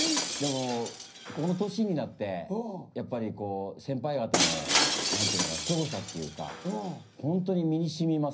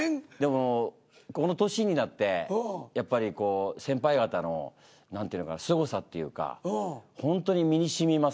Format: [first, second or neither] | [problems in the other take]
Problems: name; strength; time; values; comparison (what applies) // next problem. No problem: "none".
second | background sound (Shatter); 2 dB below the speech // room echo; dies away in 0.5 s